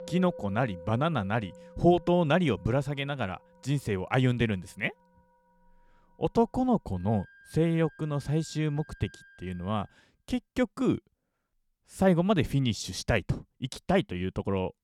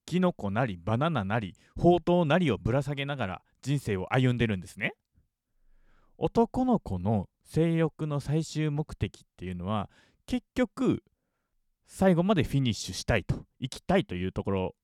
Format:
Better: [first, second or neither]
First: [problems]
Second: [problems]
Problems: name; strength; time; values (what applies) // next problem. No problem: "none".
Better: second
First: background music; faint; until 10 s; 20 dB below the speech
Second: none